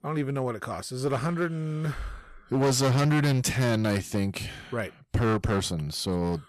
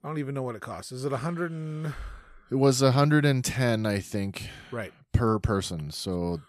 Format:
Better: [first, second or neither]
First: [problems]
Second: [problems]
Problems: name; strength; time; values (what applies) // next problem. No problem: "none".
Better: second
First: distortion; heavy; 11% of the sound clipped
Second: none